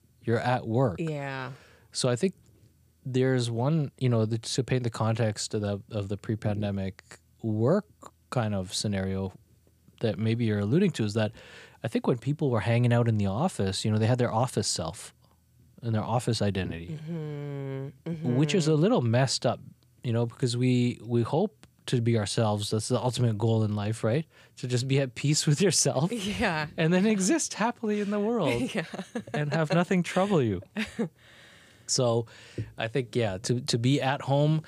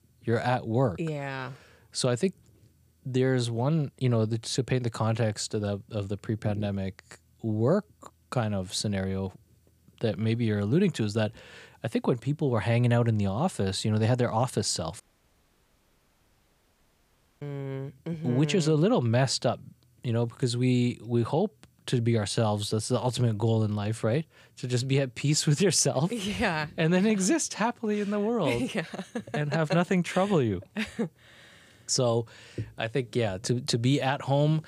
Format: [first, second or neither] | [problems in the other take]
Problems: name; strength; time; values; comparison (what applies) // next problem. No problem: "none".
first | audio cutting out; at 15 s for 2.5 s